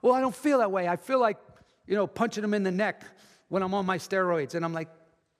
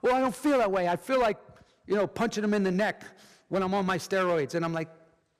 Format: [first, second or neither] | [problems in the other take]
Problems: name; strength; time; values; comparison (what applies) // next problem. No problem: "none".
first | distortion; slight; 7% of the sound clipped